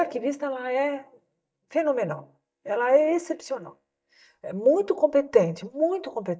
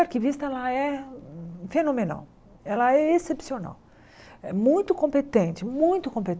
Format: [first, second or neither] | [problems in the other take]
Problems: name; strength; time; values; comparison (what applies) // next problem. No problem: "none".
second | noise reduction (neural mask model DeepFilterNet 3)